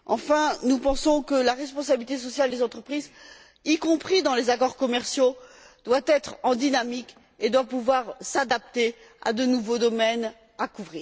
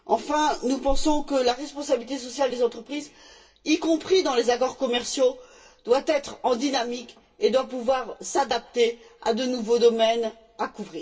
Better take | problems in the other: first | room echo; dies away in 0.2 s

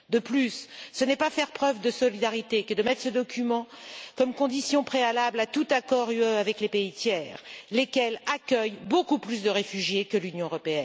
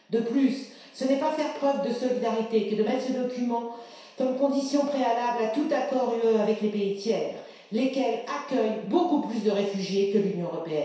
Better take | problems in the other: first | room echo; dies away in 0.7 s

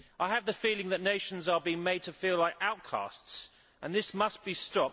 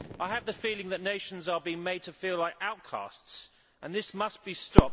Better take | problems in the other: first | background sound (Fireworks); 3 dB above the speech

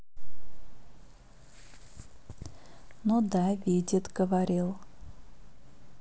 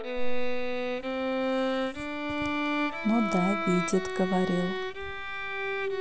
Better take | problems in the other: first | background sound (Bowed string instrument); 1 dB below the speech

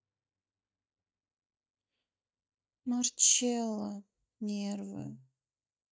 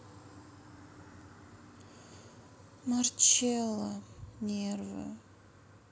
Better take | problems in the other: second | noise reduction (neural mask model DeepFilterNet 3)

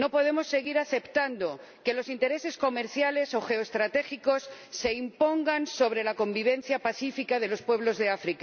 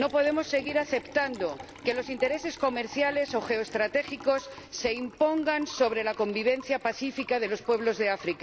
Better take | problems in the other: first | background sound (Liquid); 18 dB below the speech

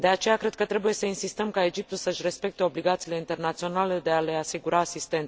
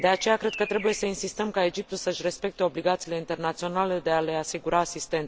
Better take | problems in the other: first | background sound (Bird vocalization, bird call, bird song); 19 dB below the speech

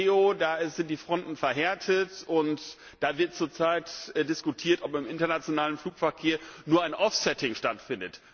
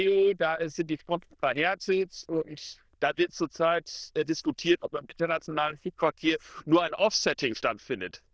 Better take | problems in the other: first | noise reduction (neural diffusion model UNIVERSE++)

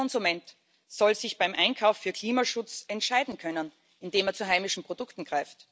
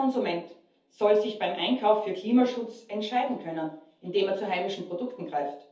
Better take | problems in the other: first | room echo; dies away in 0.5 s

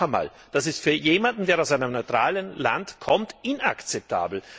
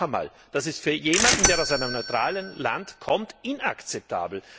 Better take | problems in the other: first | background sound (Bell / Mechanisms); as loud as the speech

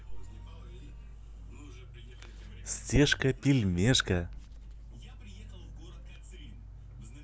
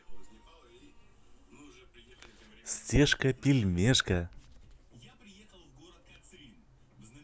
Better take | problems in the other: second | background sound (Growling); 13 dB below the speech

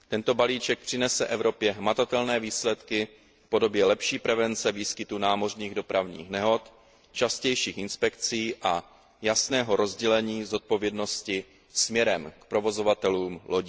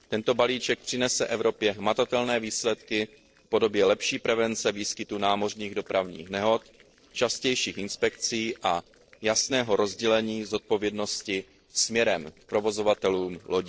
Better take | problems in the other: first | noise reduction (neural separator model SepFormer DNS4)

